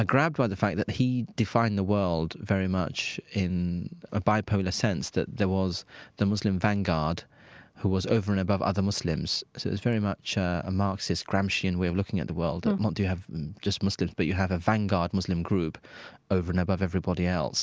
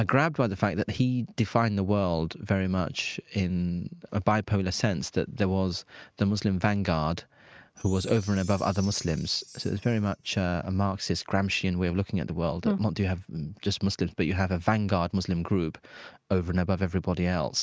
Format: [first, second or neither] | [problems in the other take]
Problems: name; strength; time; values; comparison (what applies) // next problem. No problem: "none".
first | noise reduction (neural mask model RNNoise)